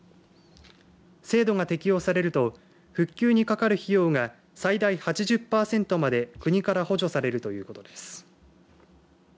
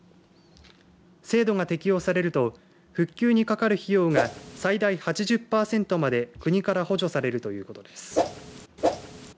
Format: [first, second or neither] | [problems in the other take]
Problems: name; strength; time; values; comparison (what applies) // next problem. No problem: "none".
first | background sound (Whoosh, swoosh, swish); 2 dB below the speech